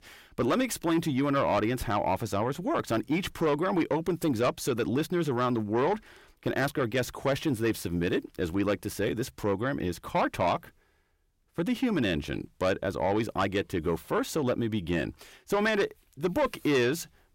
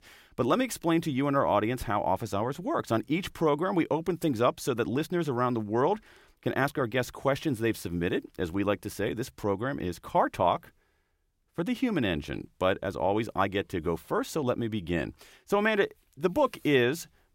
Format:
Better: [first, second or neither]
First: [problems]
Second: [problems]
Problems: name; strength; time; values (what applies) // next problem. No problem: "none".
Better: second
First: distortion; slight; 10 dB below the speech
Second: none